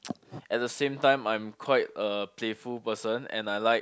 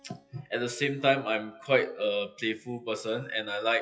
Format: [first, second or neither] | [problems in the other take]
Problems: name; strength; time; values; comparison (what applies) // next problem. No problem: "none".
first | noise reduction (classical method WPE with log-MMSE)